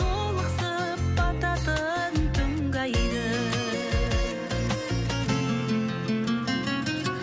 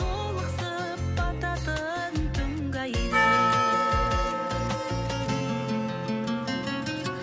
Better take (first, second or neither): first